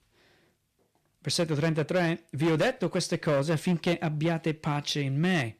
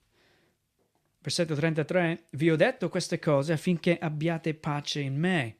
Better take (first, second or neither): second